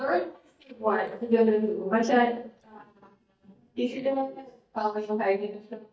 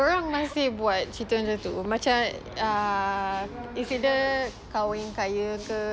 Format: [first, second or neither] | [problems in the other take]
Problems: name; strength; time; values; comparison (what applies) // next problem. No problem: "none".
second | noise reduction (neural mask model DeepFilterNet 3)